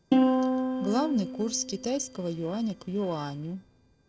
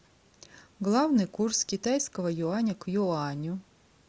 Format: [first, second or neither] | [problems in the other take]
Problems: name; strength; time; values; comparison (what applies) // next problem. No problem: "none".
second | noise reduction (neural separator model SepFormer DNS4)